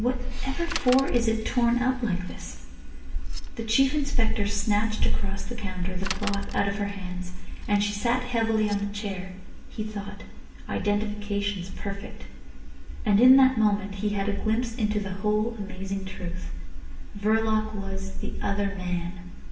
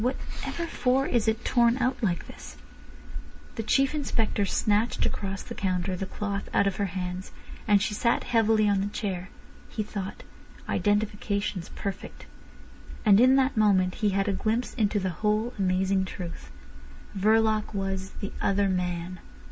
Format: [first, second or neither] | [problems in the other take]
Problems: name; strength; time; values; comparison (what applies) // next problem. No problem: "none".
second | background sound (Bicycle); 18 dB below the speech // room echo; dies away in 0.9 s